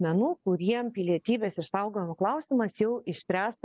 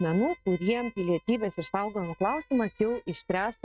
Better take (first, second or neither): first